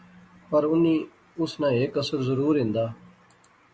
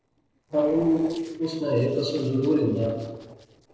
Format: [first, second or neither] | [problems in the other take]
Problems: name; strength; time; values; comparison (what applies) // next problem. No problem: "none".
first | noise reduction (neural separator model SepFormer DNS4)